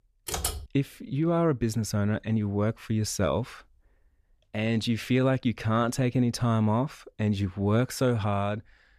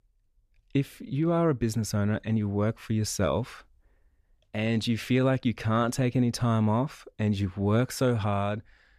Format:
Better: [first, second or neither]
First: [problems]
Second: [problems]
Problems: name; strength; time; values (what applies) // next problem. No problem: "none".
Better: second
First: keyboard typing; noticeable; at 0.5 s; peak 3 dB below the speech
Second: none